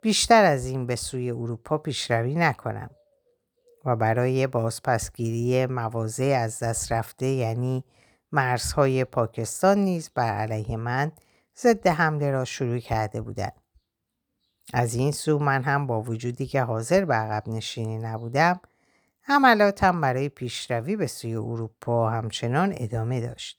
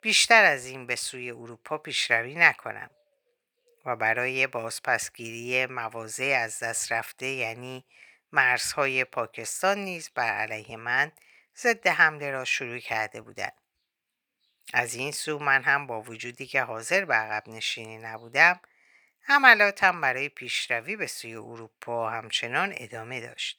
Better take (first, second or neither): first